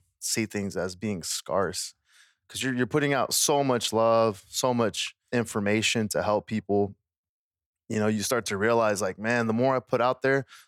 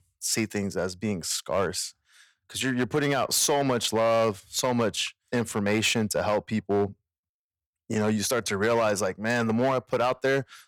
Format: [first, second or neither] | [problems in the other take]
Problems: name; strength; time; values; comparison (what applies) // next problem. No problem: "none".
first | distortion; slight; 5% of the sound clipped